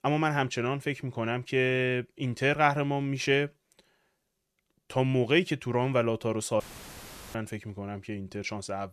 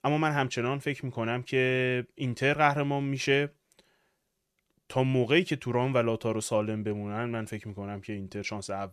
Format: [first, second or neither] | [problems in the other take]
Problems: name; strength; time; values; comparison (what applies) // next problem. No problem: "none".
second | audio cutting out; filled with static; at 6.5 s for 0.5 s